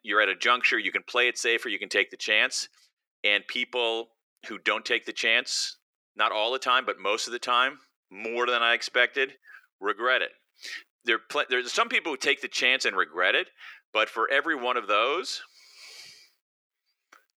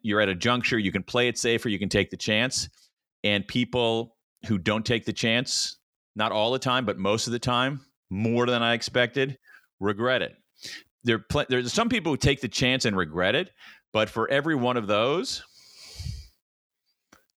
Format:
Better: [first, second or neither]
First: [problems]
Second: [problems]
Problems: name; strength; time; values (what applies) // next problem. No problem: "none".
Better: second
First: thin; very; fading below 350 Hz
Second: none